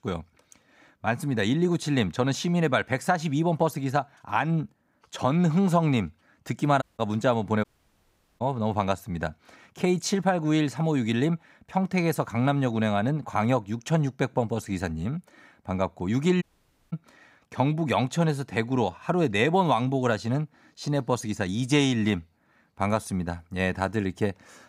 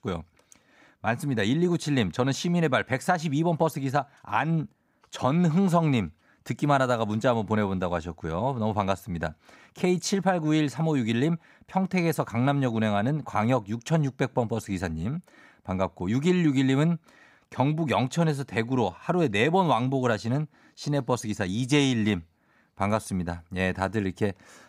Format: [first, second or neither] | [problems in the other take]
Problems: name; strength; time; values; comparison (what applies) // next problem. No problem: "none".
second | audio cutting out; at 7 s, at 7.5 s for 1 s and at 16 s for 0.5 s